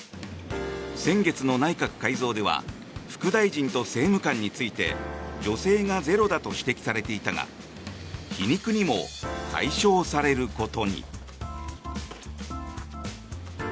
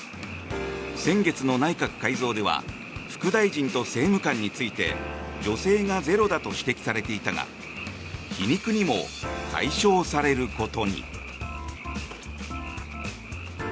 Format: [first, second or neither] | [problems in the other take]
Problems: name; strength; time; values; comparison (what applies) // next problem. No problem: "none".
first | background sound (Frog); 15 dB below the speech